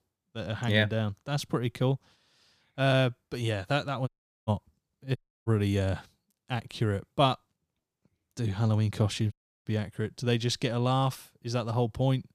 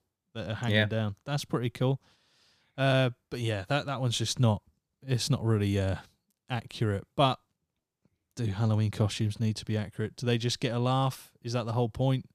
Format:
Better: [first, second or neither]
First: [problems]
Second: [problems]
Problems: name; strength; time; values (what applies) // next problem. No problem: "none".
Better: second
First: audio cutting out; at 4 s, at 5 s and at 9.5 s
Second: none